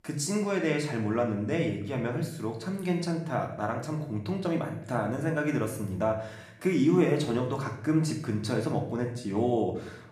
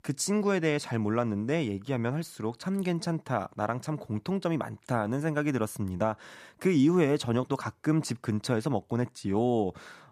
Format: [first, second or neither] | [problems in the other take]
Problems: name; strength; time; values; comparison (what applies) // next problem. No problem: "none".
second | room echo; slight; dies away in 0.6 s // off-mic speech; somewhat distant